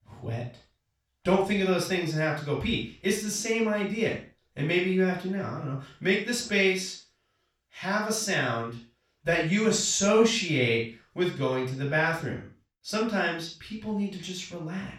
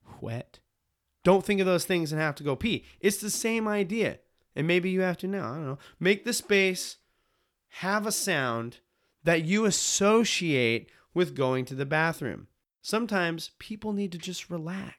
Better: second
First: room echo; noticeable; dies away in 0.3 s // off-mic speech; far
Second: none

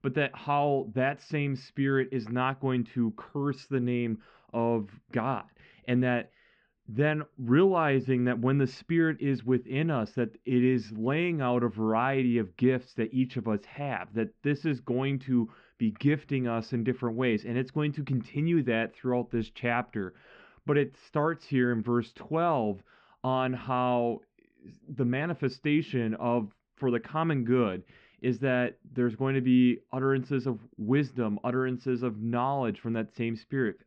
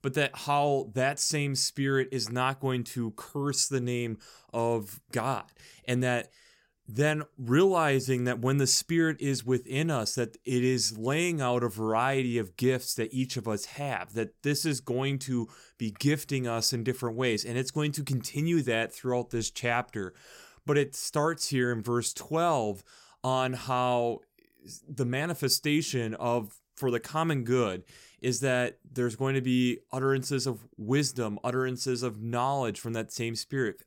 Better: second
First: muffled; very; fading above 3 kHz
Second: none

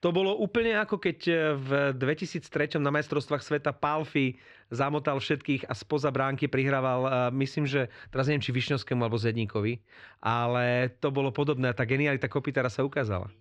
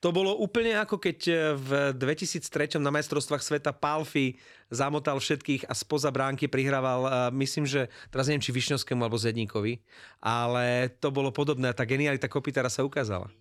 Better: second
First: muffled; slightly; fading above 2.5 kHz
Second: none

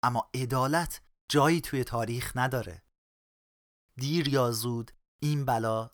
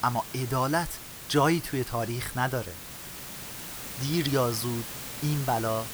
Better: first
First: none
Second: hiss; loud; throughout; 9 dB below the speech

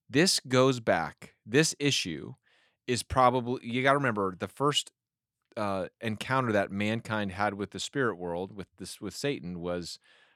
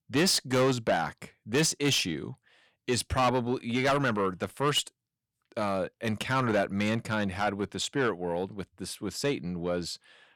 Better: first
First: none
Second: distortion; heavy; 8 dB below the speech

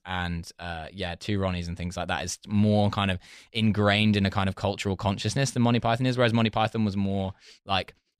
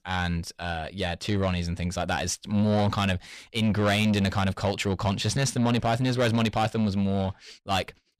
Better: first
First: none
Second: distortion; slight; 10 dB below the speech

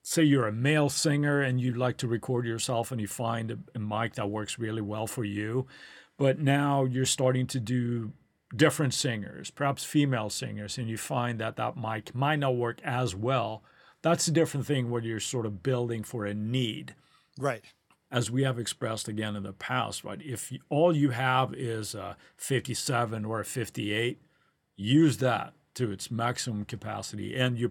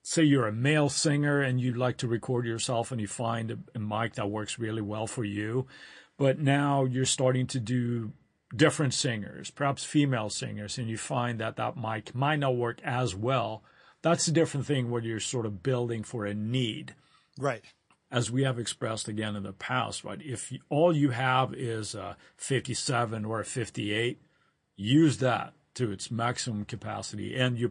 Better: first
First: none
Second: garbled, watery; slightly; nothing above 9 kHz

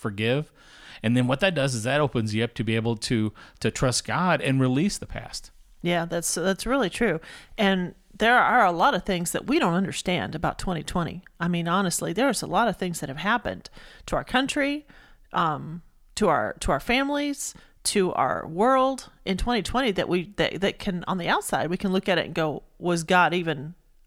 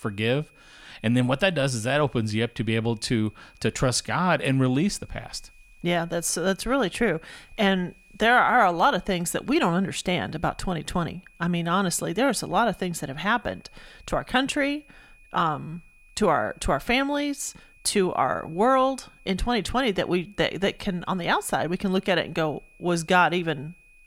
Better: first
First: none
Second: high-pitched whine; faint; throughout; 2.5 kHz, 30 dB below the speech

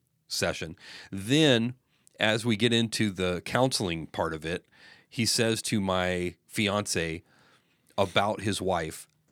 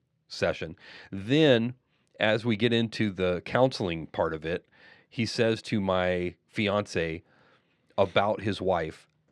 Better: first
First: none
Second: muffled; slightly; fading above 3.5 kHz

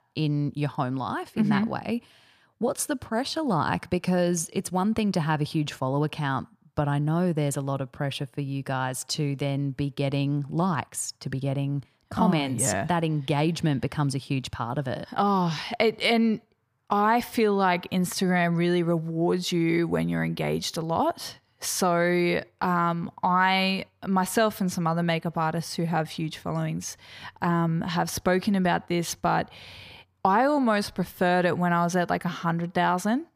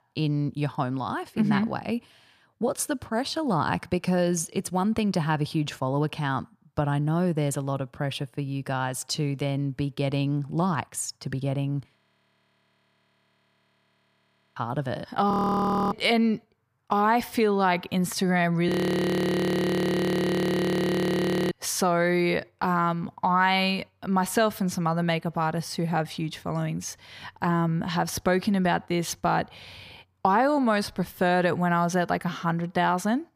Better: first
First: none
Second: audio freezing; at 12 s for 2.5 s, at 15 s for 0.5 s and at 19 s for 3 s

